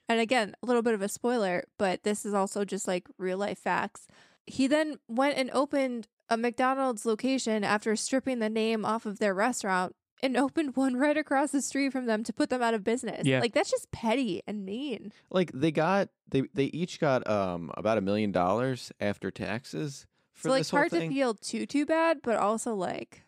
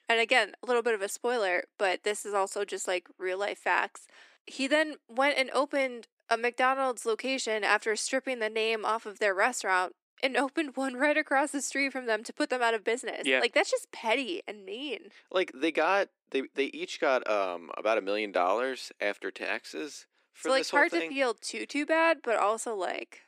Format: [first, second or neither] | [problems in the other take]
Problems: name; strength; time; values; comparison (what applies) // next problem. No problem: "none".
first | thin; somewhat; fading below 300 Hz